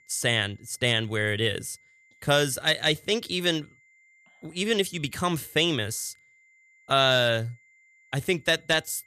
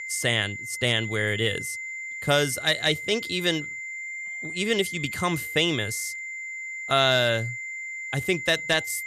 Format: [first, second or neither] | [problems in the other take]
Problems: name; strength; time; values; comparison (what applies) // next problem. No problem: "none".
first | high-pitched whine; loud; throughout; 2 kHz, 8 dB below the speech; faint in the first